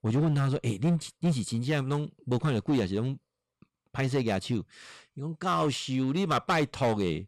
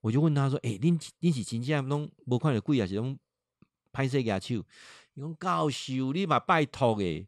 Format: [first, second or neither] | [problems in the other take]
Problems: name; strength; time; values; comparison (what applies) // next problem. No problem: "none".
second | distortion; slight; 8% of the sound clipped